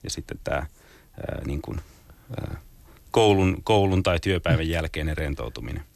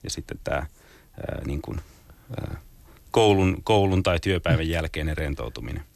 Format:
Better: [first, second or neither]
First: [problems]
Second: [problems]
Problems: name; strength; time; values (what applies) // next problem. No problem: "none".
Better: neither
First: none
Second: none